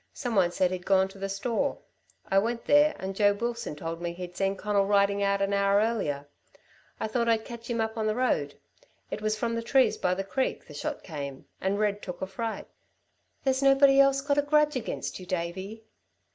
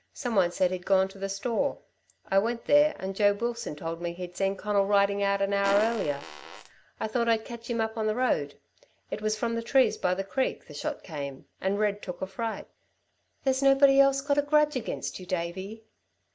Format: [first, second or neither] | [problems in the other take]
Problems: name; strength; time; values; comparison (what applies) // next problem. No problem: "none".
first | background sound (Fart); 11 dB below the speech